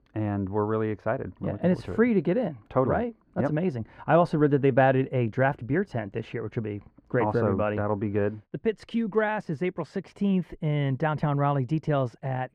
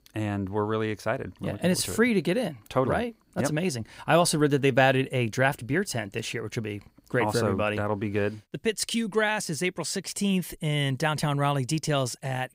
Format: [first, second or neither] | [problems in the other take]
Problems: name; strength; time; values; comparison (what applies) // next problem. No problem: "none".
second | muffled; very; fading above 4 kHz